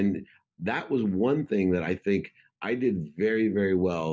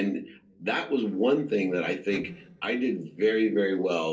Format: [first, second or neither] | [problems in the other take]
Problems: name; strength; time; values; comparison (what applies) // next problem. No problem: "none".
first | noise reduction (neural separator model SepFormer DNS4)